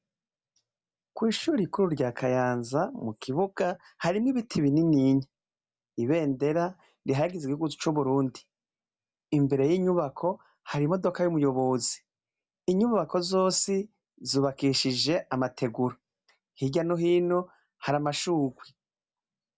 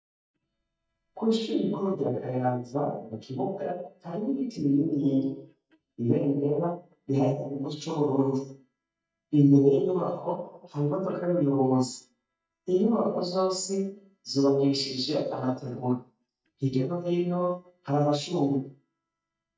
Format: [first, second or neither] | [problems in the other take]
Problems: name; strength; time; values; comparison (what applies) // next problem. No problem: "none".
first | noise reduction (neural mask model DeepFilterNet 3)